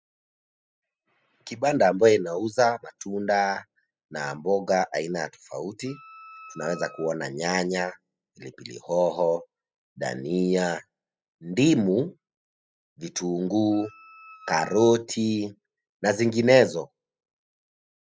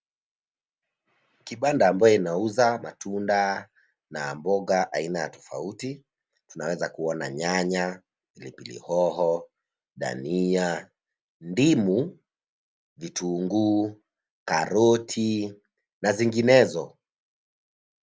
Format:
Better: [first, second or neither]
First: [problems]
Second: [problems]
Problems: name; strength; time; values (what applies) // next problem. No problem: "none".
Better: second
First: noise reduction (classical method spectral subtraction)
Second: none